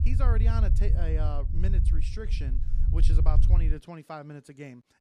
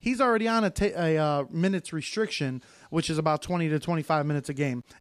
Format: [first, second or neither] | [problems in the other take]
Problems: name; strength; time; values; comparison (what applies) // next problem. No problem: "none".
second | low rumble; loud; until 3.5 s; 5 dB below the speech